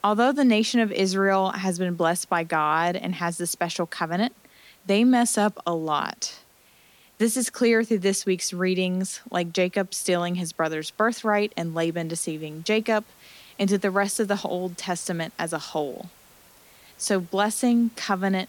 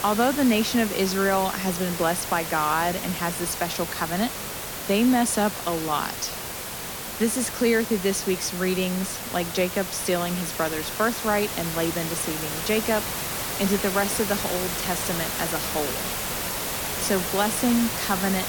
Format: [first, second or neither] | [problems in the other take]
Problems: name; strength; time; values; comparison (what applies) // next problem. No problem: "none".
first | hiss; loud; throughout; 3 dB below the speech; faint in the first